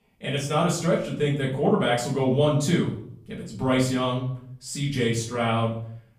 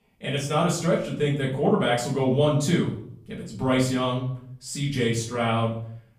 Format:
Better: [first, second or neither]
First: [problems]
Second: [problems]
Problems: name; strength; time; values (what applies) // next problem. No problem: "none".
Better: neither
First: off-mic speech; far // room echo; slight; dies away in 0.5 s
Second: off-mic speech; far // room echo; slight; dies away in 0.5 s